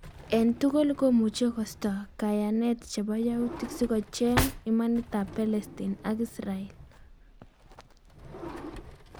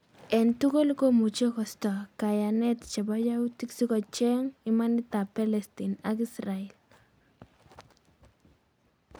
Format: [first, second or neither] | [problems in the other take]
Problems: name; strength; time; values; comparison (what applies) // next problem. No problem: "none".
second | background sound (Drawer open or close); 11 dB below the speech